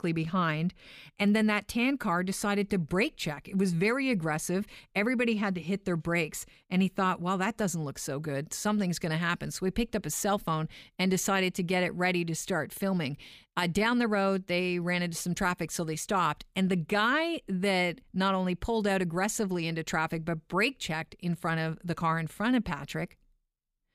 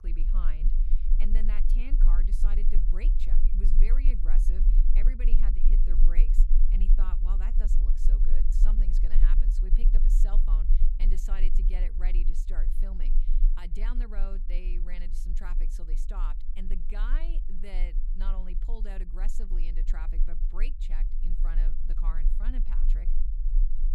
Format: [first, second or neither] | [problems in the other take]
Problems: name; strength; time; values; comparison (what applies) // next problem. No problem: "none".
first | low rumble; loud; throughout; 7 dB below the speech